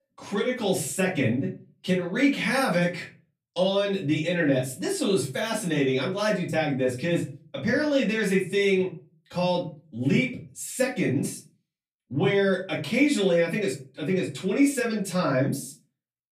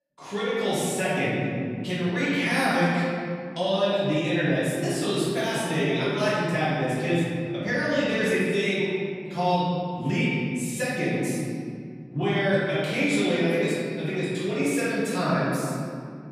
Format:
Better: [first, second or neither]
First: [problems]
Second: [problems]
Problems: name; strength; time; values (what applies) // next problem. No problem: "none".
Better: first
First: room echo; slight; dies away in 0.3 s // off-mic speech; far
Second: room echo; strong; dies away in 2.3 s // off-mic speech; far